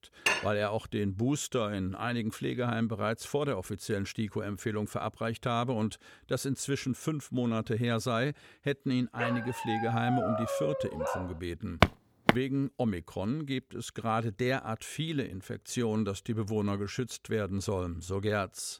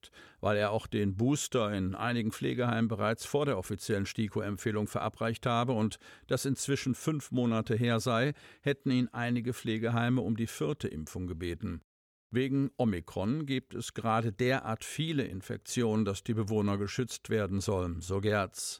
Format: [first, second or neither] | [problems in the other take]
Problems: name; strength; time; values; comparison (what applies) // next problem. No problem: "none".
second | clattering dishes; loud; at 0.5 s; peak 4 dB above the speech // dog barking; loud; from 9 to 11 s; peak level with the speech // footsteps; loud; at 12 s; peak 5 dB above the speech